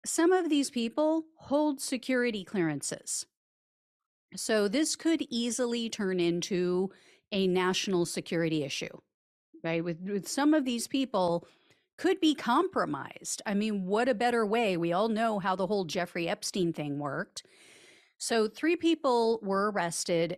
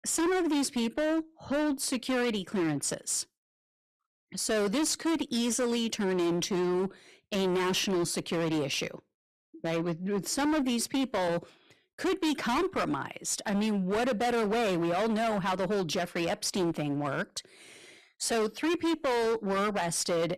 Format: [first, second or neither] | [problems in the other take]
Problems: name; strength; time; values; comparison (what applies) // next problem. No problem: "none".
first | distortion; heavy; 21% of the sound clipped